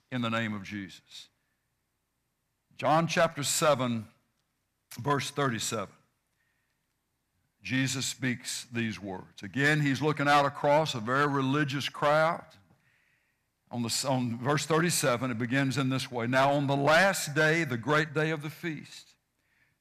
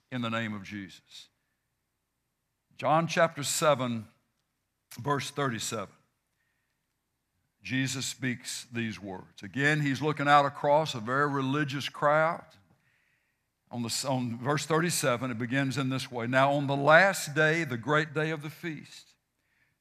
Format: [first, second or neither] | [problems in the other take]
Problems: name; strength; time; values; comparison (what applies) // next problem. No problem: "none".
second | distortion; slight; 3% of the sound clipped